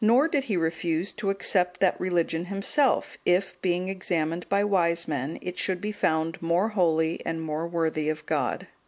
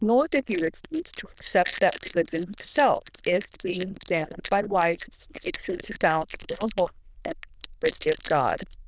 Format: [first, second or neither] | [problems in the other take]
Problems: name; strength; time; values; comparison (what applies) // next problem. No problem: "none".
first | noise reduction (neural diffusion model UNIVERSE++)